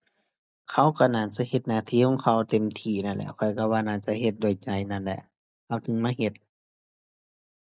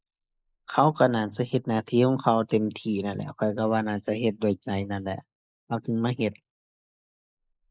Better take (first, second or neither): first